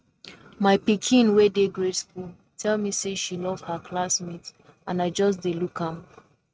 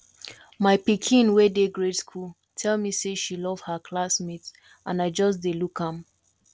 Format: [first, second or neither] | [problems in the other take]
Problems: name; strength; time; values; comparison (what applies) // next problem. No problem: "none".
second | noise reduction (neural mask model RNNoise)